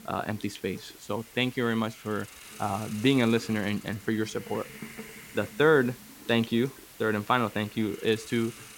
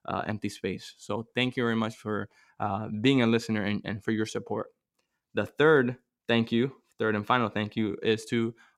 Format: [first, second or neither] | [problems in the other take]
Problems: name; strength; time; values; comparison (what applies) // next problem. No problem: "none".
second | hiss; noticeable; throughout; 15 dB below the speech